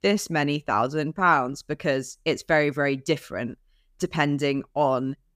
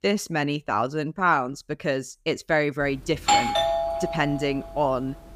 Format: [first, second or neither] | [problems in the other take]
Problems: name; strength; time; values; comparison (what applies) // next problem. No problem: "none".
first | doorbell; loud; from 3 to 4.5 s; peak 6 dB above the speech